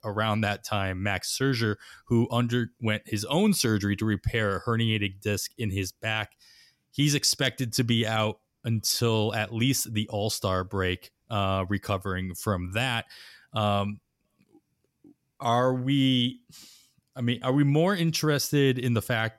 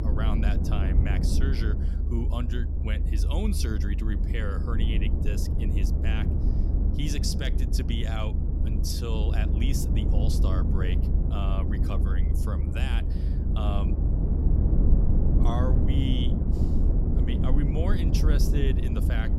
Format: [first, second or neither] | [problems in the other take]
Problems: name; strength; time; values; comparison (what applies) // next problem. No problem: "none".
first | low rumble; loud; throughout; 2 dB below the speech